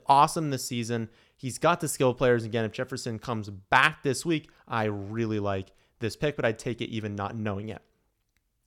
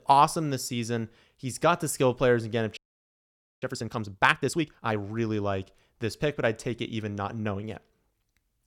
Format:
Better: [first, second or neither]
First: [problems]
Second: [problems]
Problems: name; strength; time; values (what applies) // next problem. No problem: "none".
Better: first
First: none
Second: audio freezing; at 3 s for 1 s